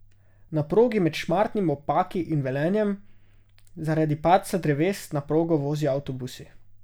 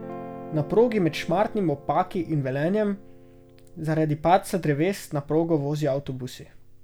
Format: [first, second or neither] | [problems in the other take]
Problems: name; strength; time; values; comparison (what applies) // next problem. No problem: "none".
first | background sound (Guitar); 19 dB below the speech